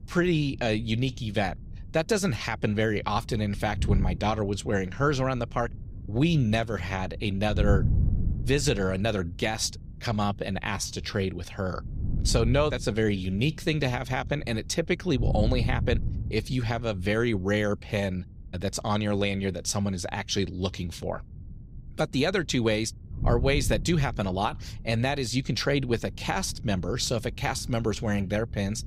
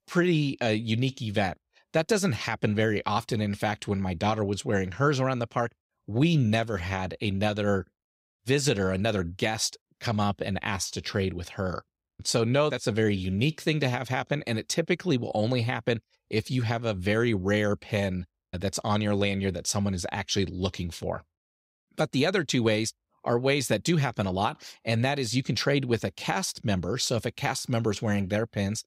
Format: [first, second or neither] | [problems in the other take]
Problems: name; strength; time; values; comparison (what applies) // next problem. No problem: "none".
second | wind noise on the microphone; occasional gusts; 20 dB below the speech